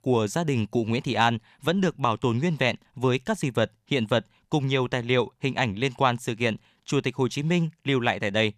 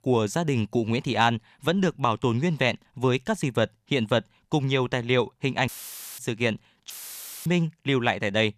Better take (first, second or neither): first